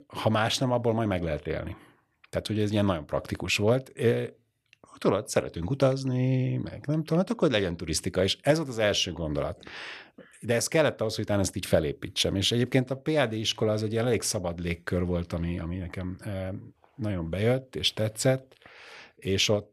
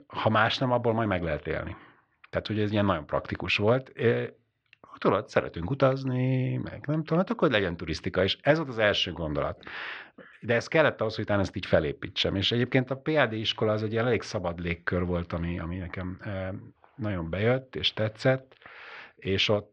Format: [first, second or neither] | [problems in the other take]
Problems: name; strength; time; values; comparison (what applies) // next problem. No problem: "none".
first | muffled; slightly; fading above 4.5 kHz